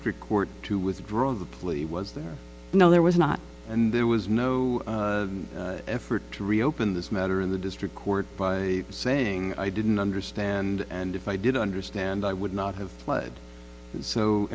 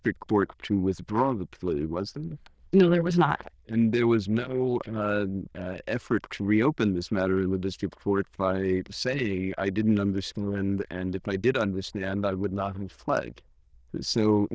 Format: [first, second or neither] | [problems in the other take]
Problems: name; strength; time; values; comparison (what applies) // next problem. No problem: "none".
first | noise reduction (neural diffusion model UNIVERSE++)